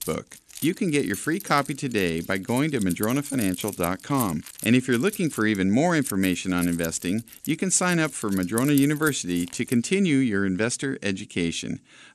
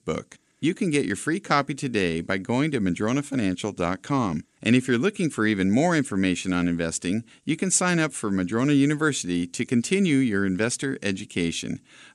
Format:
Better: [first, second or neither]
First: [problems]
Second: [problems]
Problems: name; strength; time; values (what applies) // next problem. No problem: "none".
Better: second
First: jangling keys; noticeable; until 9.5 s; peak 7 dB below the speech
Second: none